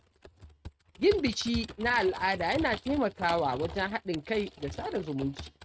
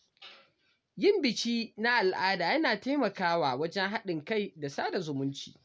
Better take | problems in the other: second | noise reduction (neural mask model RNNoise)

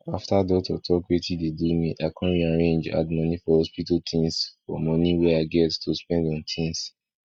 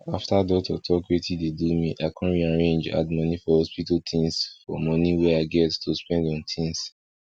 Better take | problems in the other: second | noise reduction (neural mask model DeepFilterNet 3)

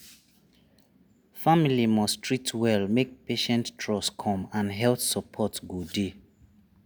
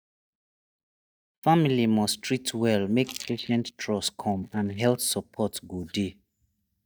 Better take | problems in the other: first | noise reduction (neural mask model DeepFilterNet 3)

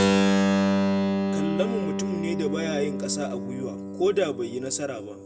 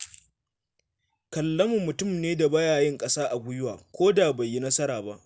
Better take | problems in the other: second | background sound (Keyboard (musical)); 4 dB above the speech // room echo; dies away in 0.7 s

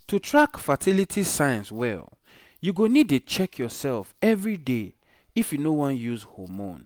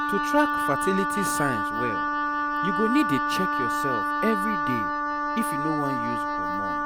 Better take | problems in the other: first | background sound (Wind instrument, woodwind instrument); 3 dB above the speech

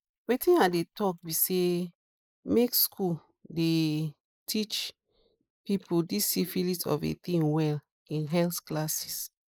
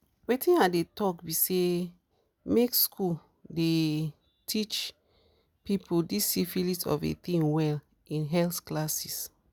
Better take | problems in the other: second | noise reduction (neural mask model Resemble Enhance denoiser)

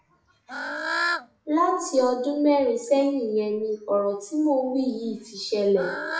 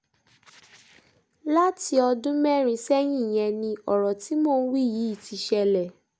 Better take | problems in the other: second | noise reduction (classical method WPE with log-MMSE)

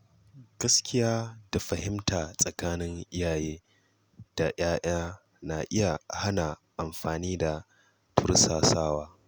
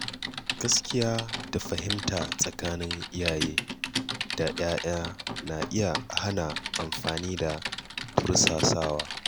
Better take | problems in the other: first | background sound (Typing); 4 dB below the speech

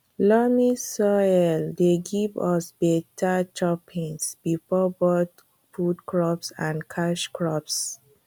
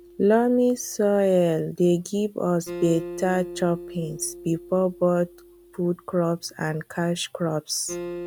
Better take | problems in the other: first | background sound (Acoustic guitar); 15 dB below the speech

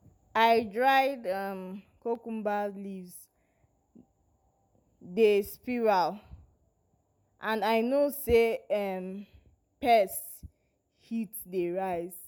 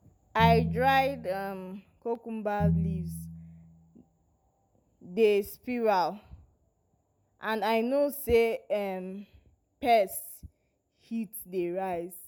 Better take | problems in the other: first | background sound (Piano); 3 dB below the speech

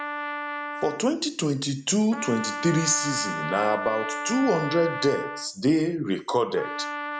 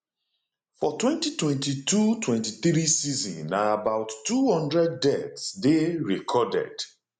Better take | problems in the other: second | background sound (Trumpet); 7 dB below the speech

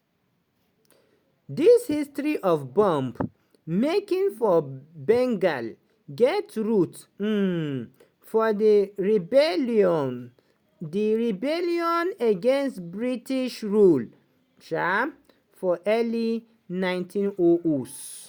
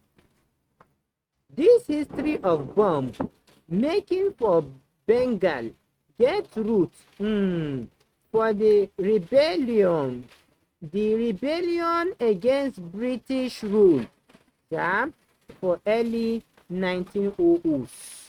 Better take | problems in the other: first | noise reduction (neural mask model RNNoise)

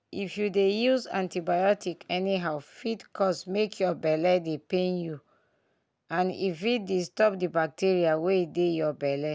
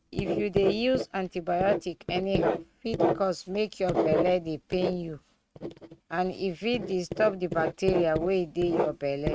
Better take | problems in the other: first | noise reduction (neural mask model RNNoise)

